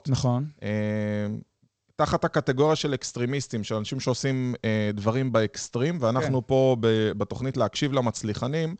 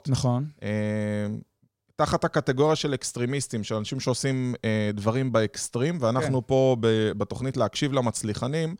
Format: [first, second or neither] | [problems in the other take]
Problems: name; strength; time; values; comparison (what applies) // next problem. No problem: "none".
second | garbled, watery; slightly; nothing above 8 kHz